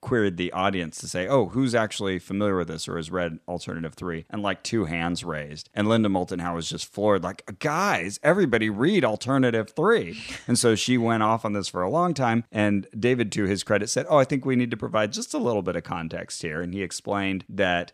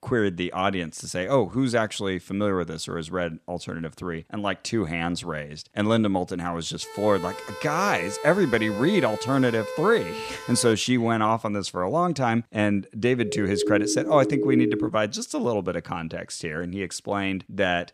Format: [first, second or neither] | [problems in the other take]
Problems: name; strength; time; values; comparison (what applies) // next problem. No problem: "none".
first | siren; noticeable; from 7 to 11 s; peak 7 dB below the speech // siren; loud; from 13 to 15 s; peak 2 dB above the speech